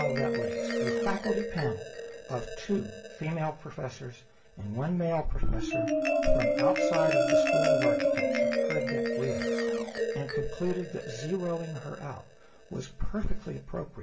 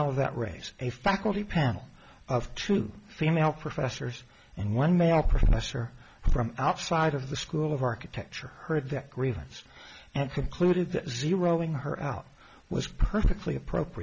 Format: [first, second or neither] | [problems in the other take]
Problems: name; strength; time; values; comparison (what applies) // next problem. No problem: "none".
second | background sound (Marimba, xylophone); 2 dB above the speech // room echo; dies away in 0.2 s